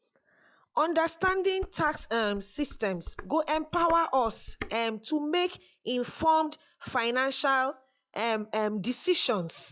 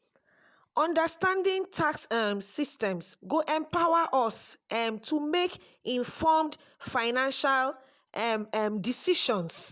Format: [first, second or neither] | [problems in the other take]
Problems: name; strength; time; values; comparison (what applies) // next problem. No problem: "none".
second | noise reduction (classical method log-MMSE)